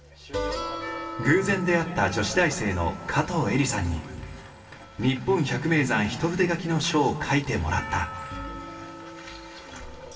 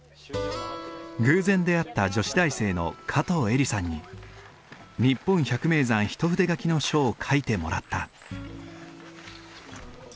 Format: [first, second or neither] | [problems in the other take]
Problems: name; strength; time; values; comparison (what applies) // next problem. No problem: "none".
second | background sound (Percussion); 18 dB below the speech // room echo; dies away in 2 s